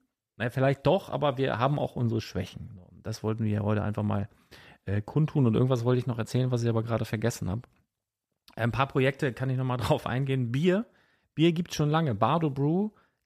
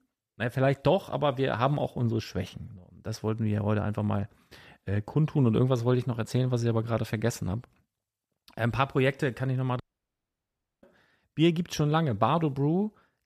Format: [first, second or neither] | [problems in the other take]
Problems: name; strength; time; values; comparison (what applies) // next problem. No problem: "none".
first | audio cutting out; at 10 s for 1 s